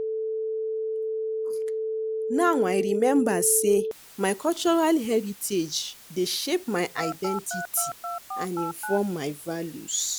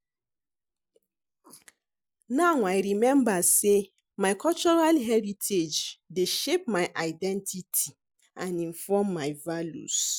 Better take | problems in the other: second | background sound (Telephone); 5 dB below the speech

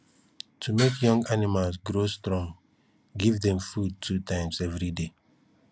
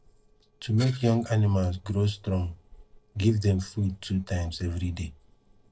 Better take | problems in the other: first | noise reduction (neural separator model SepFormer DNS4)

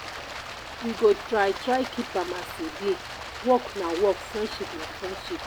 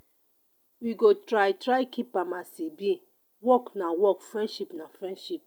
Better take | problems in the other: second | background sound (Stream); 9 dB below the speech

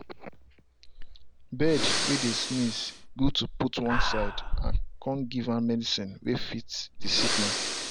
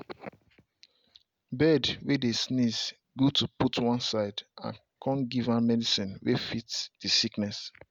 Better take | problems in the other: second | background sound (Breathing); as loud as the speech

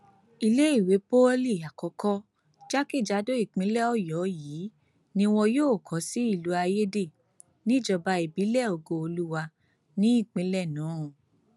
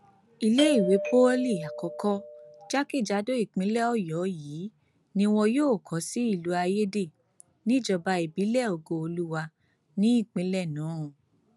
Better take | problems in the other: first | background sound (Doorbell); 6 dB below the speech

